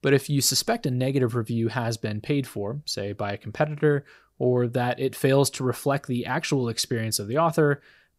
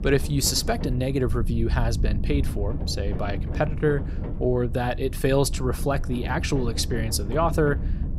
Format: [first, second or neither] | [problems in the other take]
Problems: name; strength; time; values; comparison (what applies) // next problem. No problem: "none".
first | low rumble; noticeable; throughout; 15 dB below the speech